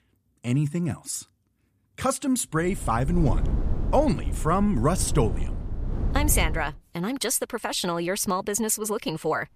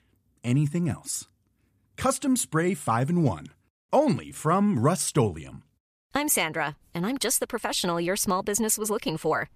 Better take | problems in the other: second | wind noise on the microphone; occasional gusts; from 2.5 to 6.5 s; 15 dB below the speech

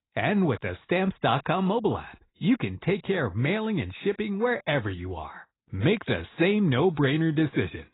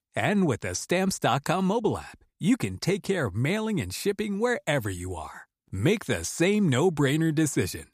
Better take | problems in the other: second | garbled, watery; badly; nothing above 4 kHz

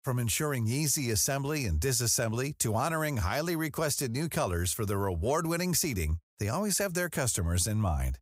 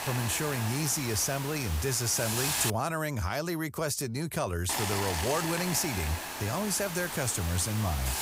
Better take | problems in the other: first | hiss; loud; until 2.5 s and from 4.5 s on; 3 dB below the speech

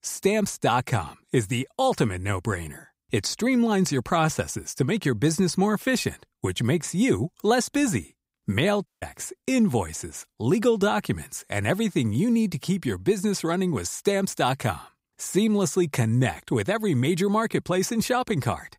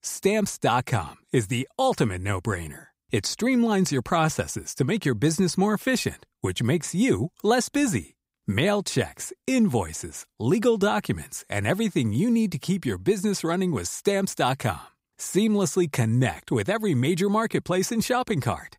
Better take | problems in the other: second | audio cutting out; at 9 s

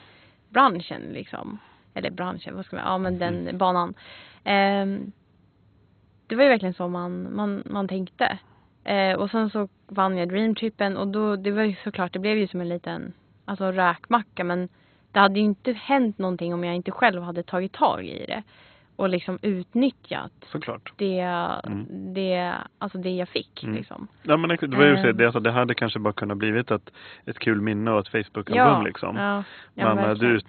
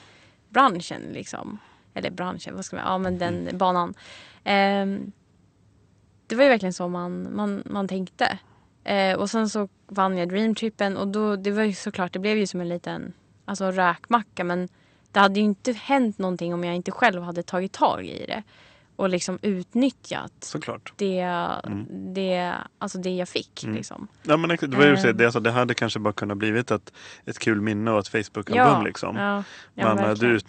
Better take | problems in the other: second | garbled, watery; badly; nothing above 4 kHz; slightly in the second

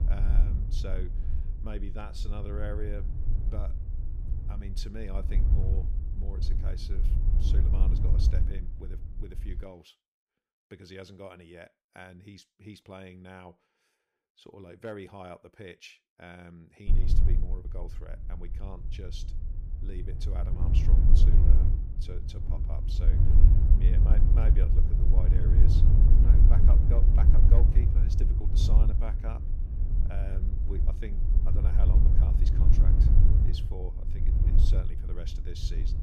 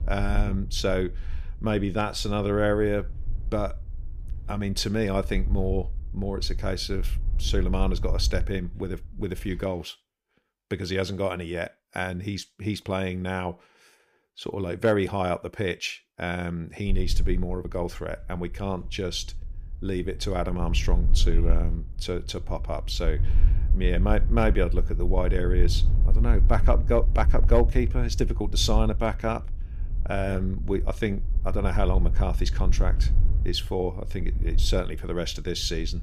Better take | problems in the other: second | wind noise on the microphone; heavy; until 9.5 s and from 17 s on; 1 dB above the speech; occasional gusts in the second

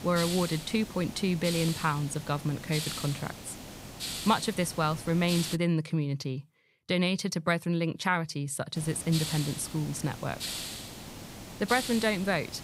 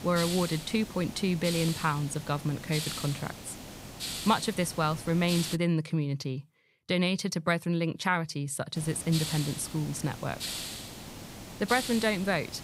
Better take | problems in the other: neither | hiss; loud; until 5.5 s and from 9 s on; 8 dB below the speech; the same in both

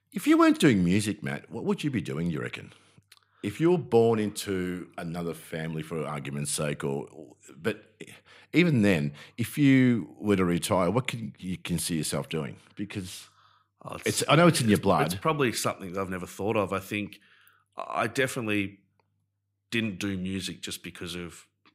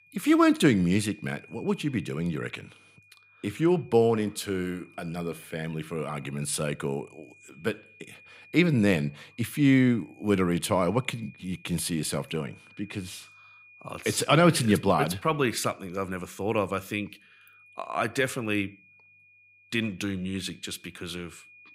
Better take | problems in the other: first | high-pitched whine; faint; throughout; 2.5 kHz, 25 dB below the speech

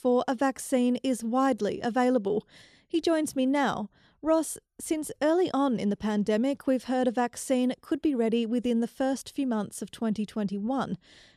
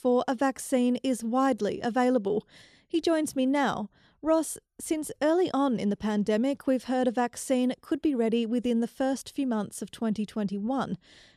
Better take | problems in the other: neither | none

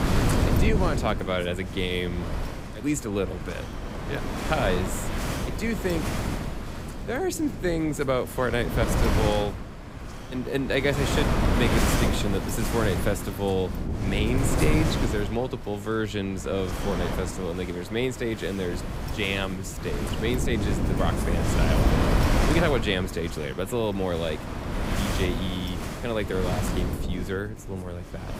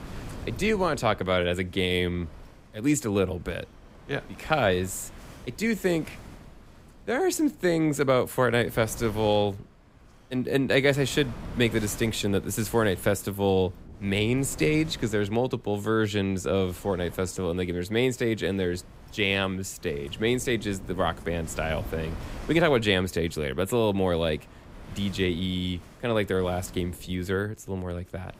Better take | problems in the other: second | wind noise on the microphone; heavy; 3 dB below the speech; occasional gusts in the second

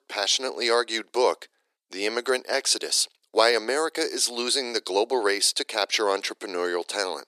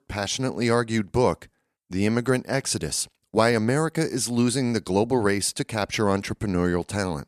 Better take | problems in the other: second | thin; very; fading below 350 Hz

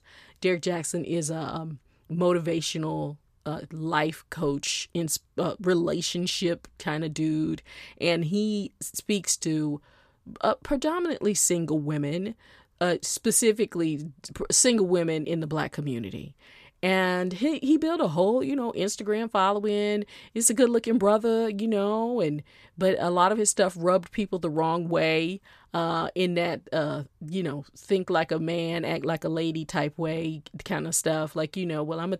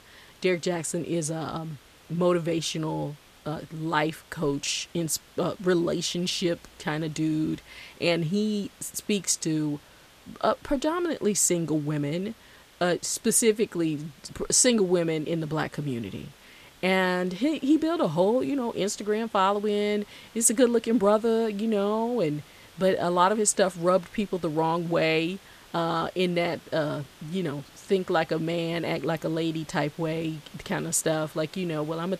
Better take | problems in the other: first | hiss; faint; throughout; 25 dB below the speech

